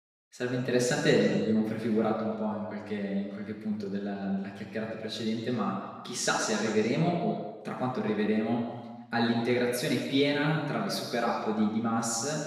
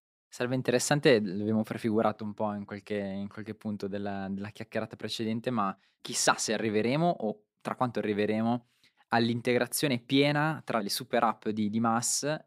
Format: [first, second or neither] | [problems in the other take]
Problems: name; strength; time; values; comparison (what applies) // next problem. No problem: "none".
second | room echo; noticeable; dies away in 1.3 s // off-mic speech; far